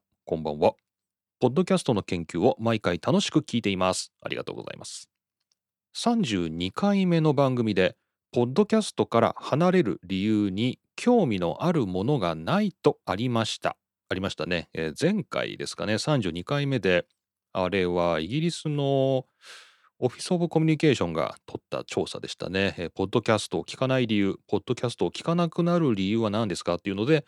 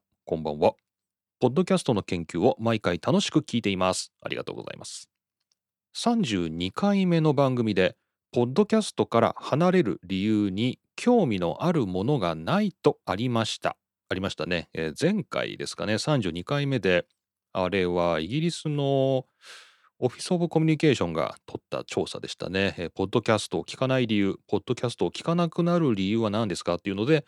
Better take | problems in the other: neither | none

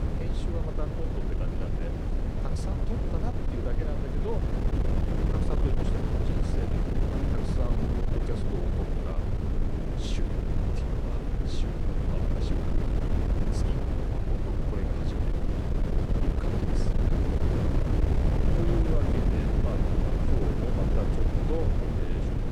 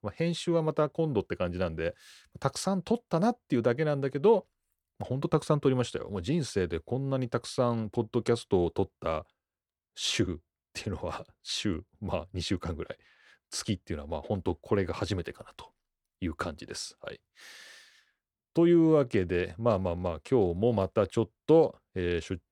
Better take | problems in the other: second | wind noise on the microphone; heavy; 5 dB above the speech

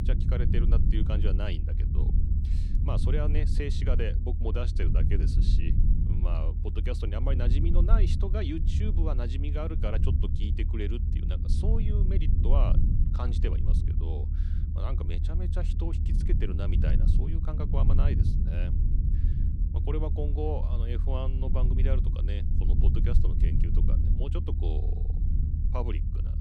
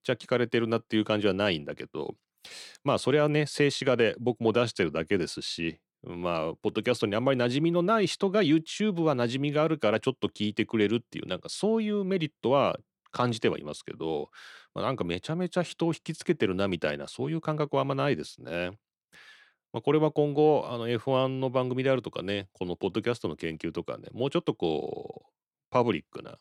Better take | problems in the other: second | low rumble; loud; throughout; 4 dB below the speech

